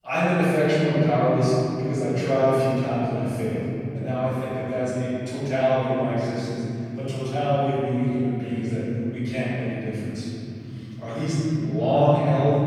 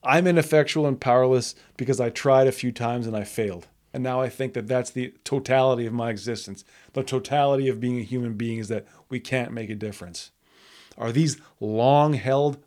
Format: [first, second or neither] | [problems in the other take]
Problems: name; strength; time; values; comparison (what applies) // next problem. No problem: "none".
second | off-mic speech; far // room echo; strong; dies away in 3 s